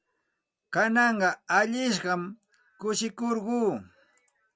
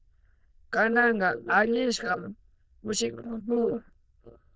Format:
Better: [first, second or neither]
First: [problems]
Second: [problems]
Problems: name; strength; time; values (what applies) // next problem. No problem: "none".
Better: first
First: none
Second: noise reduction (neural diffusion model UNIVERSE++)